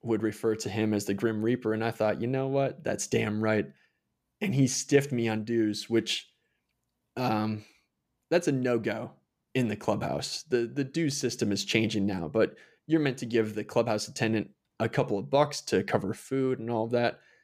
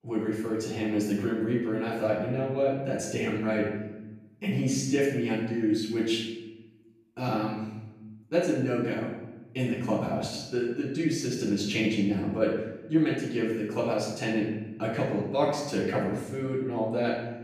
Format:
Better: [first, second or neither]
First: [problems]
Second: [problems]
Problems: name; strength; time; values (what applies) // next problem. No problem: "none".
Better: first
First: none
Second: off-mic speech; far // room echo; noticeable; dies away in 0.9 s